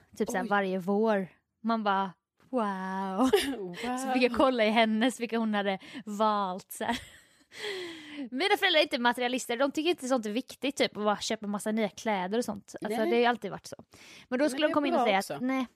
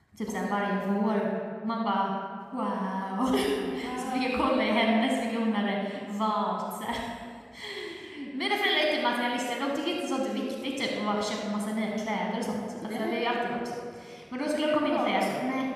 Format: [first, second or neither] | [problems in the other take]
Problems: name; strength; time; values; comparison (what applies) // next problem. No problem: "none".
first | off-mic speech; somewhat distant // room echo; noticeable; dies away in 1.6 s